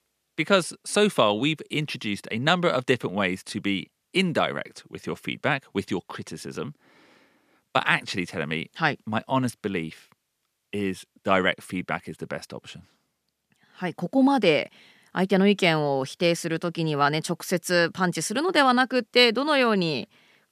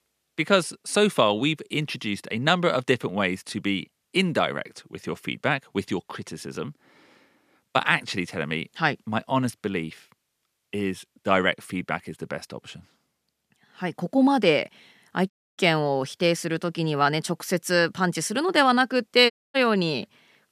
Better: first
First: none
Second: audio cutting out; at 15 s and at 19 s

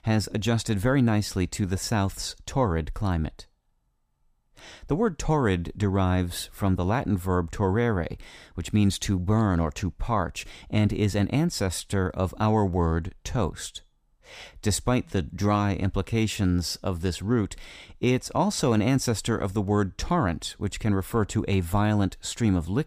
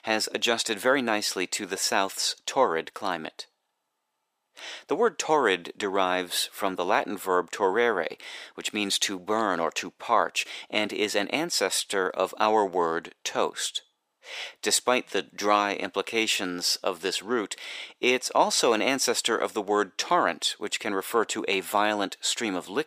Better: first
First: none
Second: thin; very; fading below 400 Hz

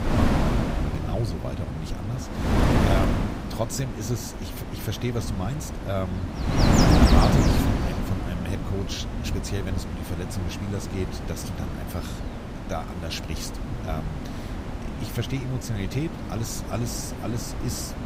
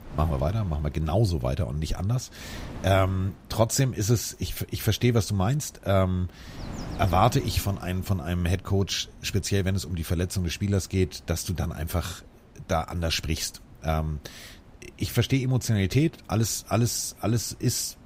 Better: second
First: wind noise on the microphone; heavy; 3 dB above the speech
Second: wind noise on the microphone; occasional gusts; 20 dB below the speech

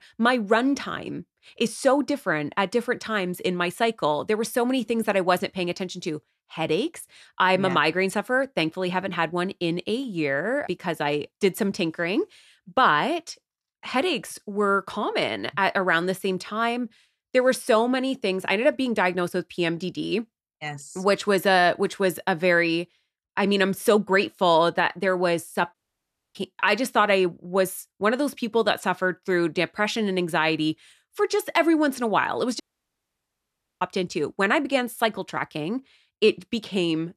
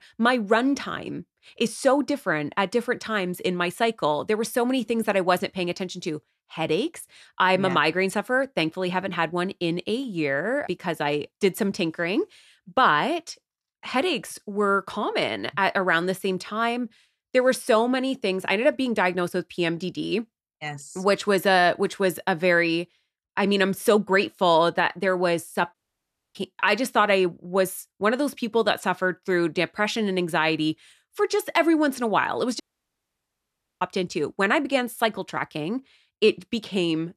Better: neither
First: audio cutting out; at 26 s for 0.5 s and at 33 s for 1 s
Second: audio cutting out; at 26 s for 0.5 s and at 33 s for 1 s

